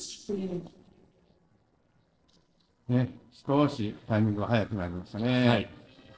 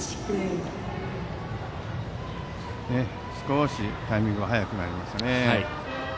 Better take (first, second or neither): second